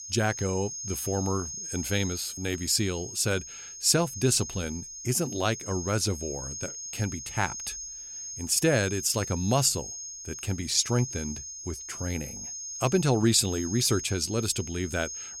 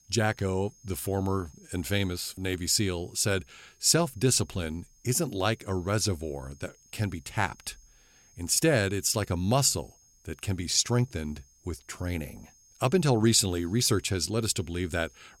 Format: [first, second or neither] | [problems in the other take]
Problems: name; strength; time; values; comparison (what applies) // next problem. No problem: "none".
second | high-pitched whine; loud; throughout; 6.5 kHz, 9 dB below the speech; faint in the second